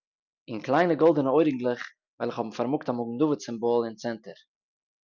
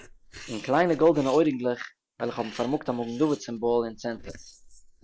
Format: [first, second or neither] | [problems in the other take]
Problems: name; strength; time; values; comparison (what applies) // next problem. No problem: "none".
first | noise reduction (neural mask model Resemble Enhance denoiser)